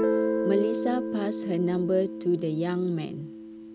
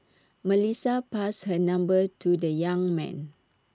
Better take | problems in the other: second | background sound (Guitar); 2 dB below the speech

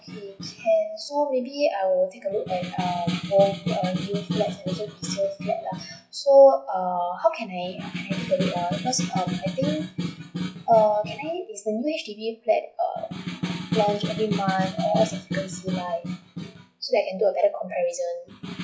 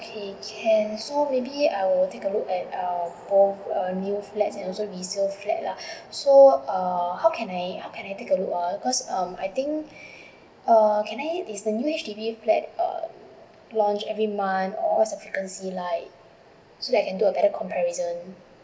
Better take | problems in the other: second | noise reduction (classical method log-MMSE)

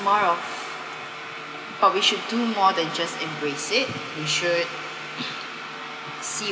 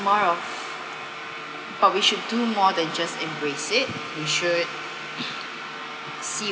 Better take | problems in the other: second | room echo; dies away in 1.2 s

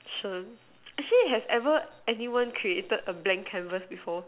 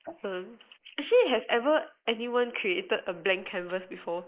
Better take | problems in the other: first | noise reduction (neural mask model Resemble Enhance denoiser)

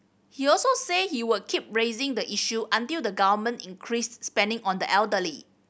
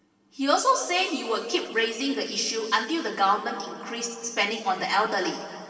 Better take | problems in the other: first | room echo; dies away in 2.9 s

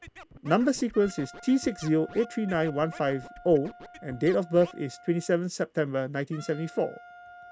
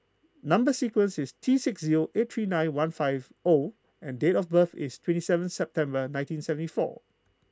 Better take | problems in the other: second | background sound (Scratching (performance technique) + Wind instrument, woodwind instrument); 19 dB below the speech

